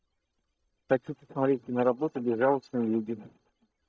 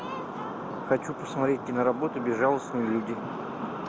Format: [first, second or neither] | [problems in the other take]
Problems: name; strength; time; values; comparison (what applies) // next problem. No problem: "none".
second | noise reduction (neural mask model DeepFilterNet 3)